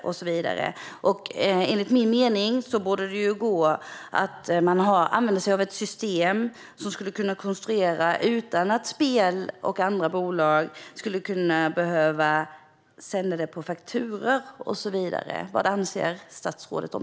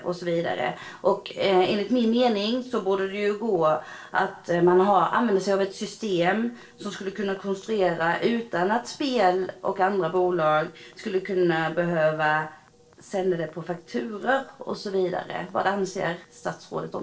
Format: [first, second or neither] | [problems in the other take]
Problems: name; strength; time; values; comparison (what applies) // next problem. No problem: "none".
first | noise reduction (neural separator model SepFormer DNS4)